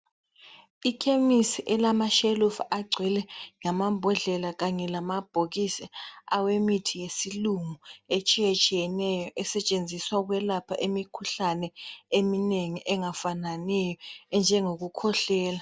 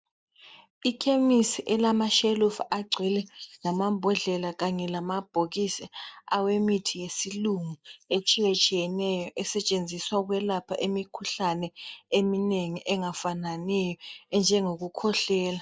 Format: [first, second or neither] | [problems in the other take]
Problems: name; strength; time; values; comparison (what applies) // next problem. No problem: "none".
first | noise reduction (neural mask model Resemble Enhance denoiser)